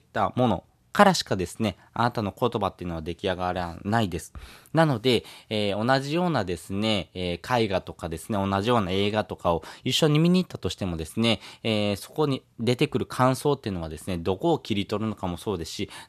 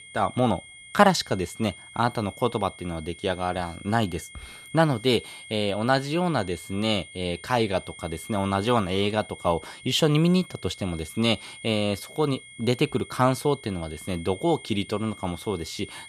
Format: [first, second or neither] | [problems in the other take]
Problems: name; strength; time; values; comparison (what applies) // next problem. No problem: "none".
first | high-pitched whine; noticeable; throughout; 2 kHz, 15 dB below the speech